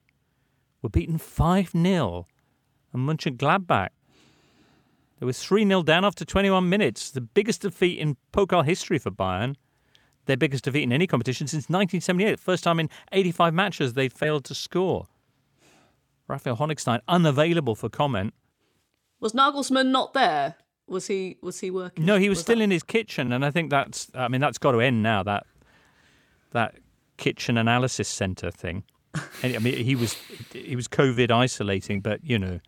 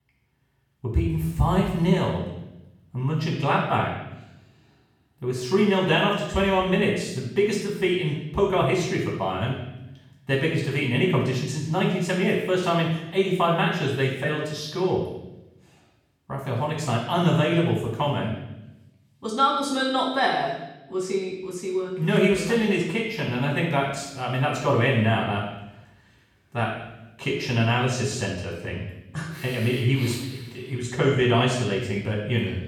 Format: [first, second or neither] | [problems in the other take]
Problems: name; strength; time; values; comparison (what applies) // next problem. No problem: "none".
first | off-mic speech; far // room echo; noticeable; dies away in 0.8 s